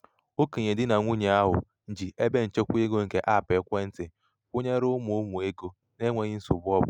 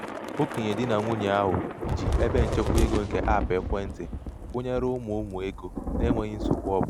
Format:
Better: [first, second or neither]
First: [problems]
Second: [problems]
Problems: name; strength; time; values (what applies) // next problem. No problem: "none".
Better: first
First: none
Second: background sound (Thunder / Rain); 1 dB below the speech